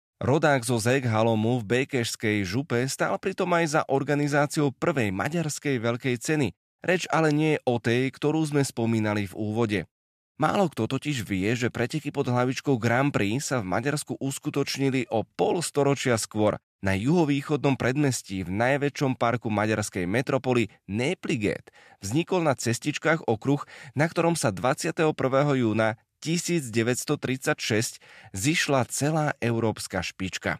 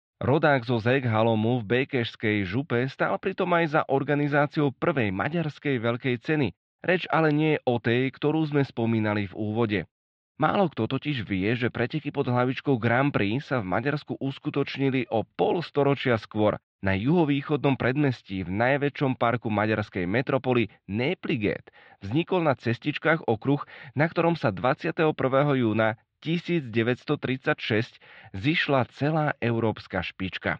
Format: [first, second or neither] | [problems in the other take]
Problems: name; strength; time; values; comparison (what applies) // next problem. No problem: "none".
first | muffled; very; fading above 4 kHz